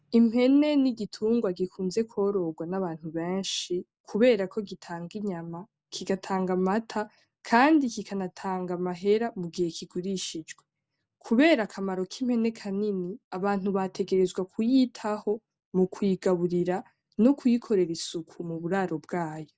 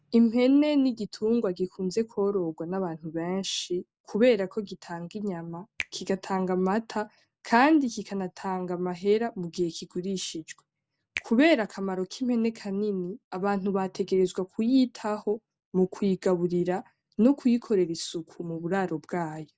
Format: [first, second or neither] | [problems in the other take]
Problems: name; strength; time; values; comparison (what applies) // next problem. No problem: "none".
first | background sound (Finger snapping); 19 dB below the speech